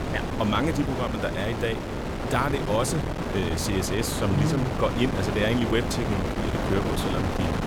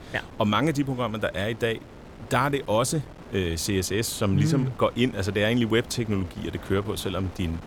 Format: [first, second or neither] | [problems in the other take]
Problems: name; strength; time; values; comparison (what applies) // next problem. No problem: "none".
second | wind noise on the microphone; heavy; 2 dB below the speech; occasional gusts in the second